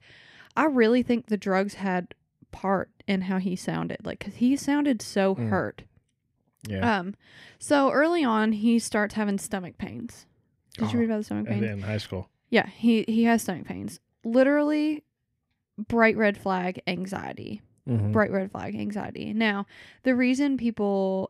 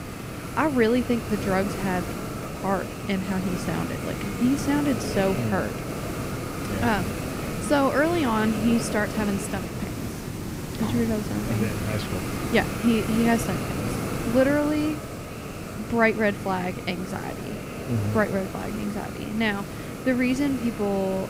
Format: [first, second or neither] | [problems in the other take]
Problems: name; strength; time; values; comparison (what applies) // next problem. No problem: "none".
first | hiss; loud; throughout; 6 dB below the speech